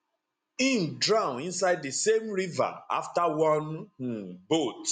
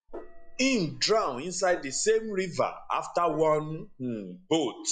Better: first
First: none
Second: noise reduction (classical method log-MMSE)

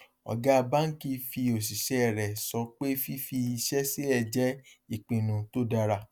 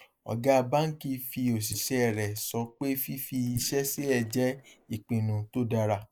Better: first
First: none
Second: noise reduction (neural mask model Resemble Enhance denoiser)

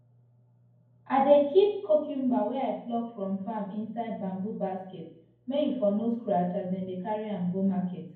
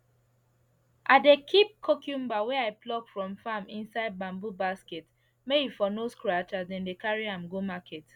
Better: second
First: room echo; dies away in 0.9 s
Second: none

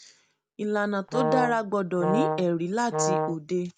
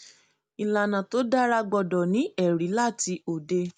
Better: second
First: background sound (Brass instrument); as loud as the speech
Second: none

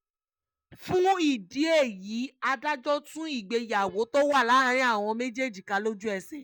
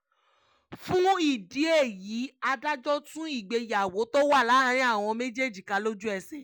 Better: second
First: noise reduction (neural mask model DeepFilterNet 3)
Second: none

